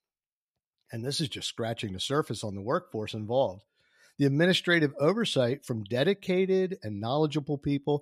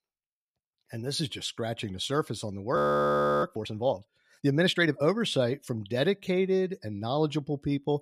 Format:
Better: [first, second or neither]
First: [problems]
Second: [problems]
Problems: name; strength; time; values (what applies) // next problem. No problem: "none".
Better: first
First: none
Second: audio freezing; at 3 s for 0.5 s